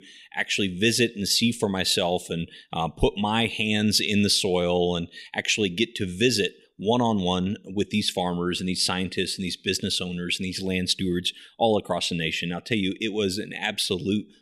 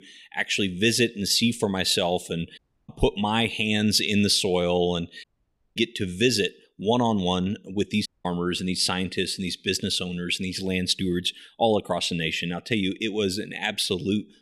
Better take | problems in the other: first | audio cutting out; at 2.5 s, at 5 s for 0.5 s and at 8 s

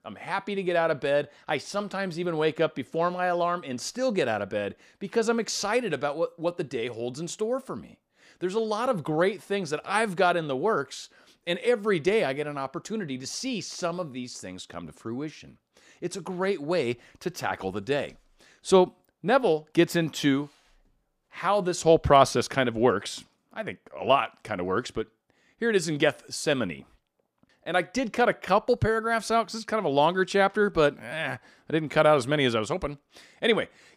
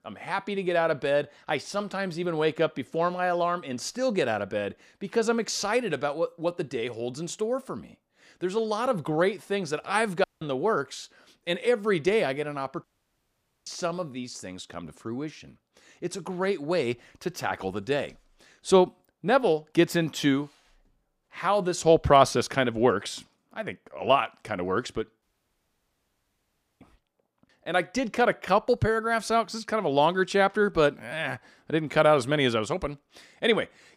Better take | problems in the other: first | audio cutting out; at 10 s, at 13 s for 1 s and at 25 s for 1.5 s

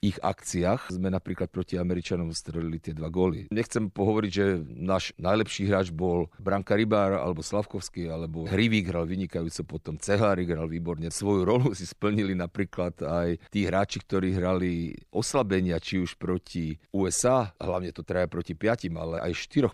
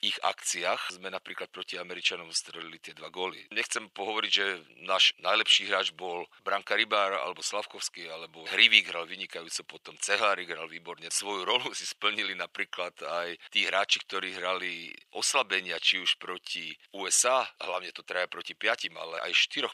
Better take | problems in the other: first | thin; very; fading below 950 Hz

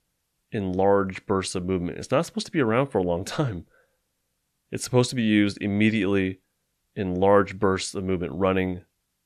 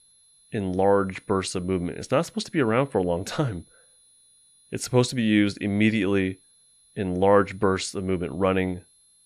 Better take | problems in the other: first | high-pitched whine; faint; throughout; 10.5 kHz, 30 dB below the speech

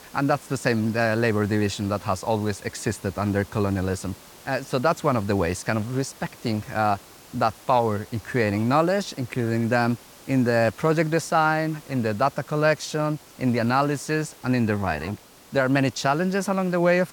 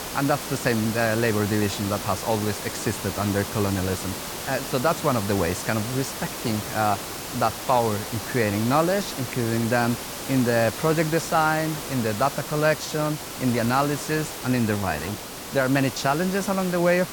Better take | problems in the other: first | hiss; loud; throughout; 7 dB below the speech; faint in the first

